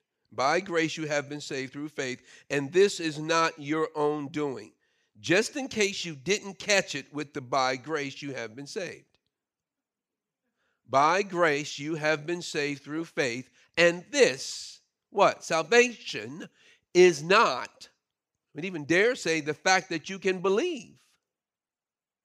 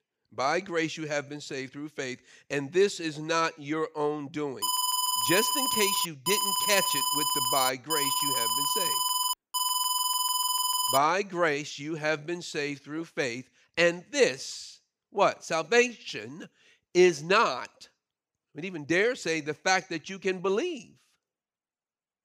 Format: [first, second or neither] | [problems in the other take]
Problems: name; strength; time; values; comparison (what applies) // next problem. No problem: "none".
first | alarm; loud; from 4.5 to 11 s; peak 3 dB above the speech